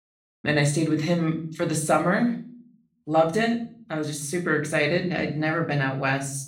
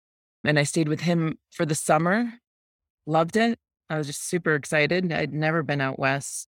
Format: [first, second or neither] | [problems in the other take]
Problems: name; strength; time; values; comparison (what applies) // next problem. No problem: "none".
second | room echo; slight; dies away in 0.5 s // off-mic speech; somewhat distant